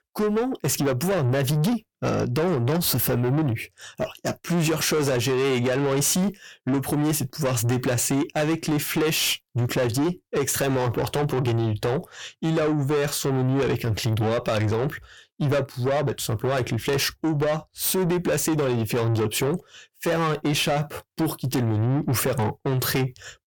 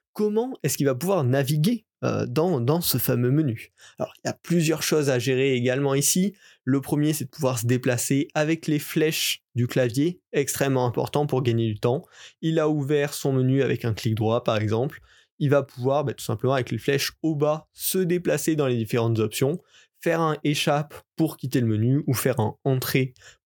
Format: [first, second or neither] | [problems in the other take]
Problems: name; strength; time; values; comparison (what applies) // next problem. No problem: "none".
second | distortion; heavy; 7 dB below the speech